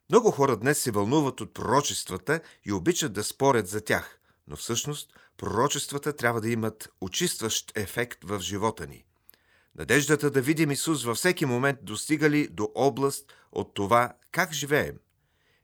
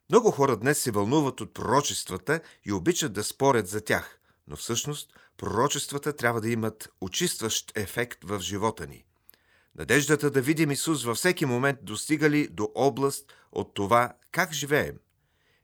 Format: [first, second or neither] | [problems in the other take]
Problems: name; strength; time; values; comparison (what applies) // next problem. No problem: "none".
neither | none